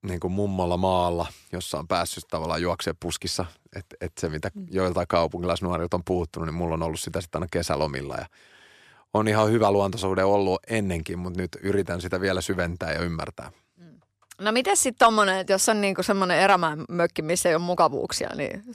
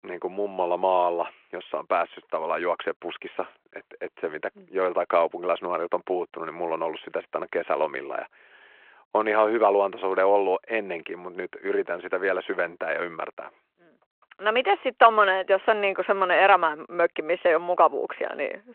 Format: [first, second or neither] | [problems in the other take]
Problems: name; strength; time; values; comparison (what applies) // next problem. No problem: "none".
first | phone-call audio